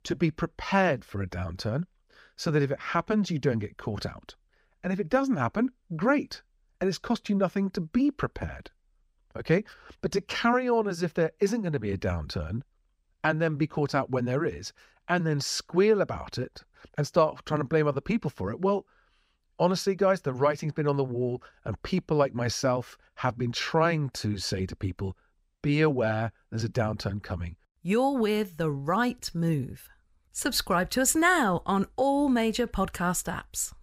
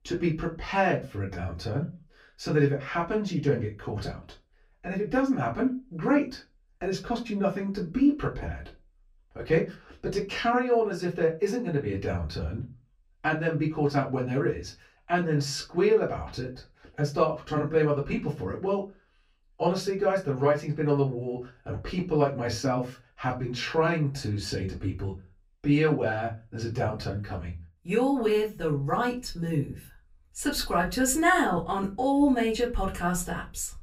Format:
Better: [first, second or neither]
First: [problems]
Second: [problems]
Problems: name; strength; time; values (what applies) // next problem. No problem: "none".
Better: first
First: none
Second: off-mic speech; far // room echo; very slight; dies away in 0.2 s